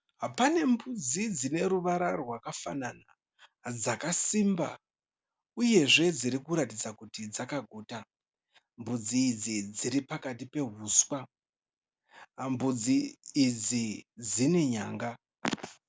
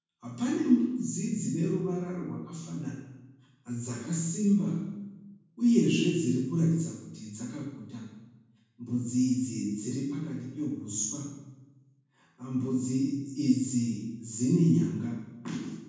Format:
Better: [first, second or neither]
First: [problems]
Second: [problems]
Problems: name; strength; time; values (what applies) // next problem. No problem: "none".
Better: first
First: none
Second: room echo; dies away in 1.1 s